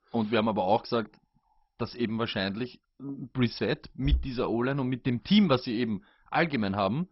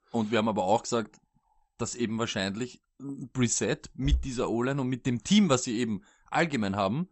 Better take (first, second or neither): second